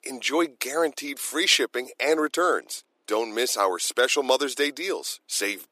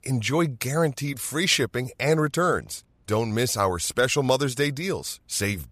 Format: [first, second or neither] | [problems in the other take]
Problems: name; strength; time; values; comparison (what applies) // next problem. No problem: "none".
second | thin; somewhat; fading below 300 Hz